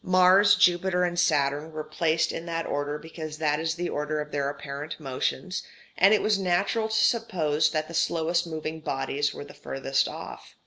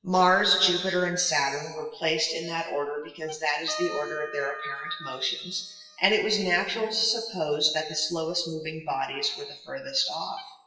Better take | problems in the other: first | noise reduction (classical method WPE with log-MMSE)

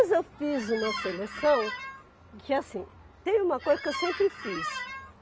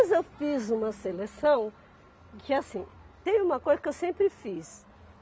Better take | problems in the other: second | background sound (Squeak); 8 dB below the speech

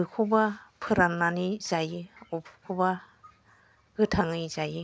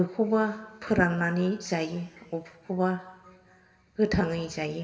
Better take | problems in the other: first | room echo; dies away in 1.4 s

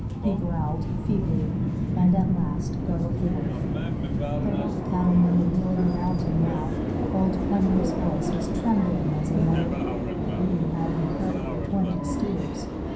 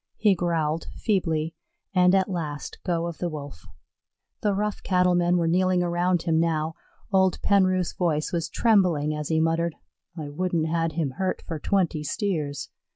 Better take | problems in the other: second | background sound (Subway, metro, underground); as loud as the speech // room echo; dies away in 0.6 s

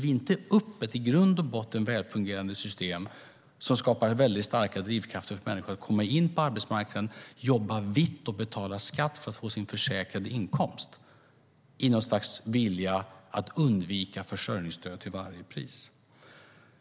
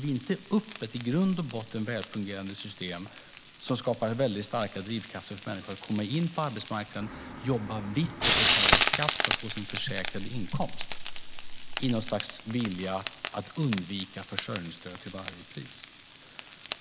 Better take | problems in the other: first | background sound (Frying (food)); 1 dB below the speech

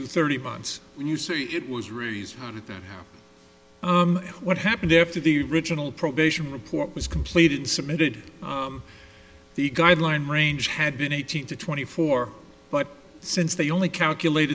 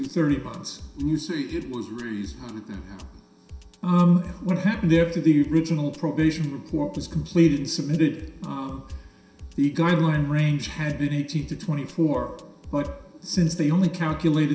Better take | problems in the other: first | background sound (Drum kit); 19 dB below the speech // room echo; dies away in 0.7 s

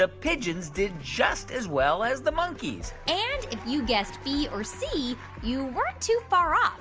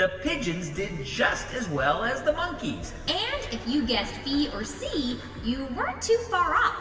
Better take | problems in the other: first | room echo; dies away in 1.8 s

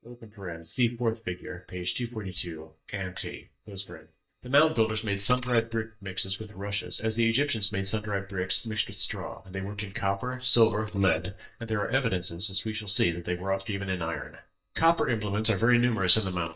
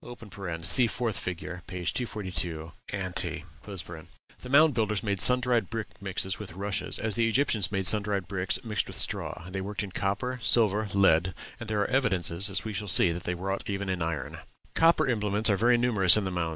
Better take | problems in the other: second | noise reduction (neural mask model DeepFilterNet 3)

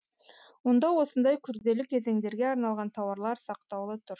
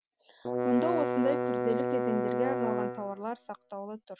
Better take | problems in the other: first | background sound (Bowed string instrument); 2 dB above the speech

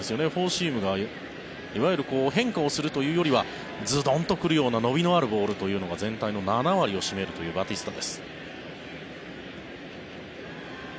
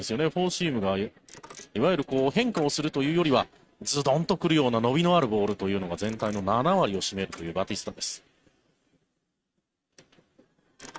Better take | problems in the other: first | noise reduction (neural mask model RNNoise)

